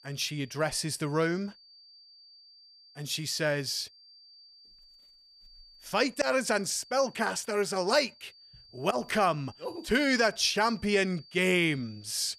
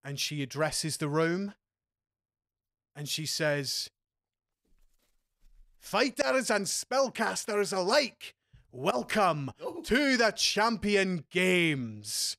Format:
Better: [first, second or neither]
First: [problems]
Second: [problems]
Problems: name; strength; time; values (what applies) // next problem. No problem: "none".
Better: second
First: high-pitched whine; faint; throughout; 4.5 kHz, 25 dB below the speech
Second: none